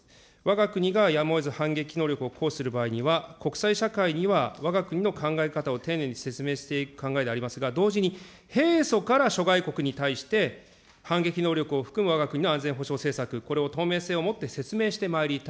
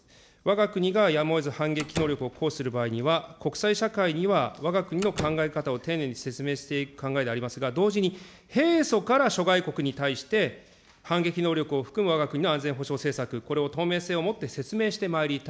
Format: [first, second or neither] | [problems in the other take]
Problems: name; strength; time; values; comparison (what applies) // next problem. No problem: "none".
first | background sound (Slam); 13 dB below the speech